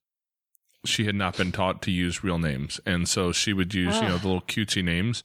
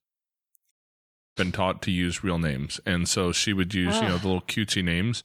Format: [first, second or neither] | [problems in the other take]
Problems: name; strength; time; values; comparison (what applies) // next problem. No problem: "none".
first | audio cutting out; at 0.5 s for 0.5 s